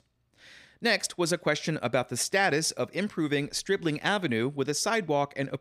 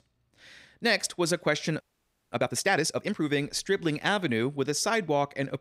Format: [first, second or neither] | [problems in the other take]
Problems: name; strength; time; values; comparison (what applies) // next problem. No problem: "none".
first | audio freezing; at 2 s for 0.5 s